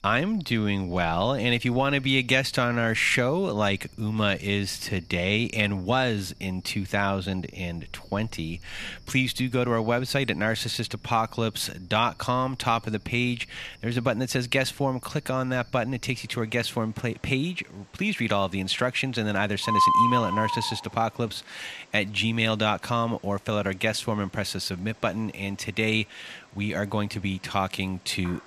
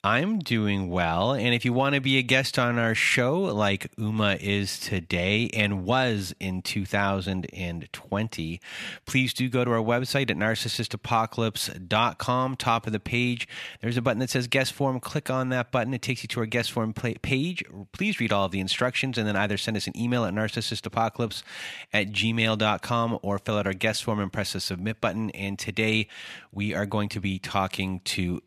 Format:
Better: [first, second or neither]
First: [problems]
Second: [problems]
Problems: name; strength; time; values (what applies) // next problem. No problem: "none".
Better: second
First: animal sounds; very loud; throughout; 2 dB above the speech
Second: none